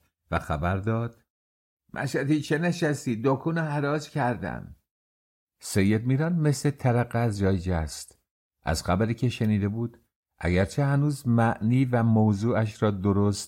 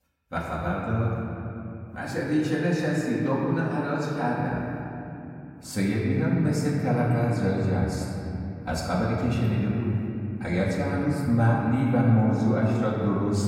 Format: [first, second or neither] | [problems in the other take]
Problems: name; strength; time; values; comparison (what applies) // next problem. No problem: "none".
first | off-mic speech; far // room echo; noticeable; dies away in 3 s